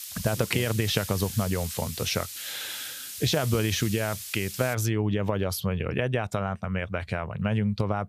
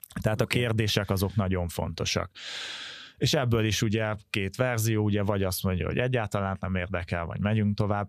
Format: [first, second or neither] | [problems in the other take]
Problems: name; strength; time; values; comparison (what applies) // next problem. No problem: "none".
second | hiss; loud; until 4.5 s; 8 dB below the speech